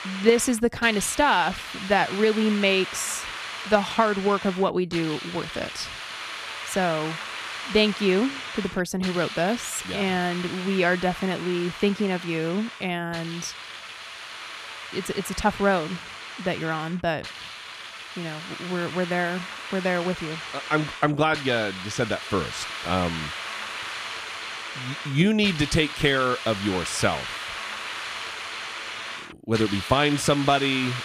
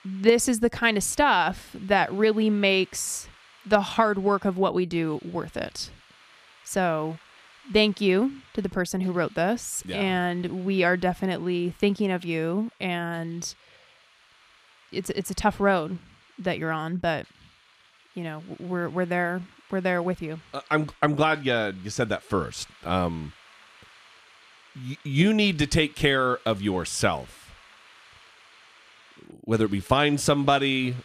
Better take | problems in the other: second | hiss; loud; throughout; 9 dB below the speech; faint in the second

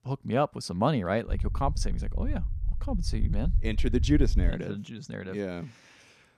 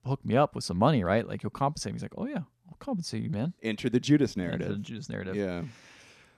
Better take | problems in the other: second | low rumble; noticeable; from 1.5 to 4.5 s; 20 dB below the speech

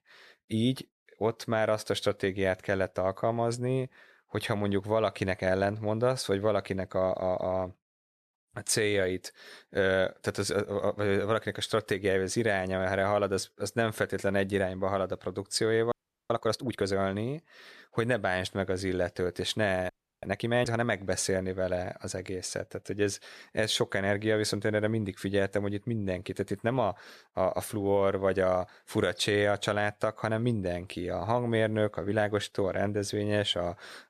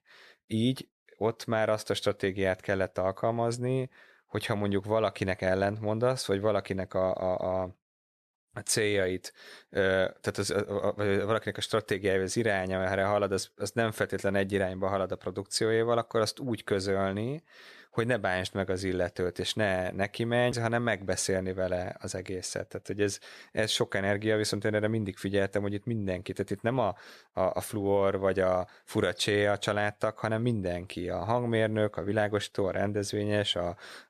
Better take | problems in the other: second | audio freezing; at 16 s and at 20 s

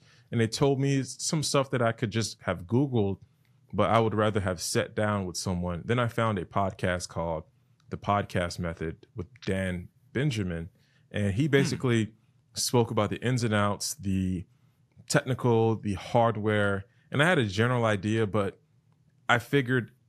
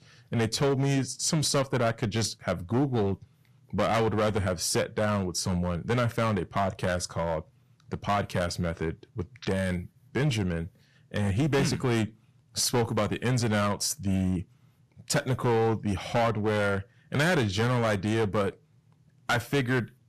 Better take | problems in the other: first | distortion; heavy; 10% of the sound clipped

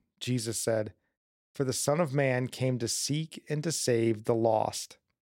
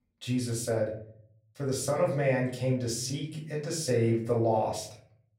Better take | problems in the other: first | room echo; slight; dies away in 0.5 s // off-mic speech; far

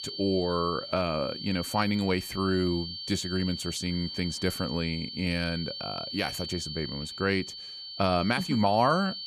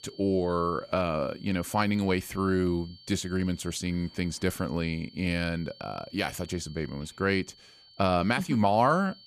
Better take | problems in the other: second | high-pitched whine; loud; throughout; 4.5 kHz, 7 dB below the speech; faint in the second

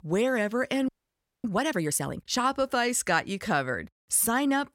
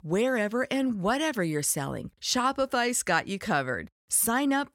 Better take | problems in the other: second | audio freezing; at 1 s for 0.5 s

